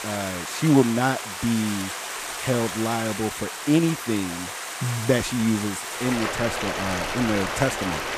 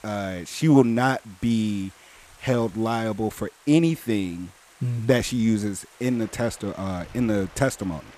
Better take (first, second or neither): second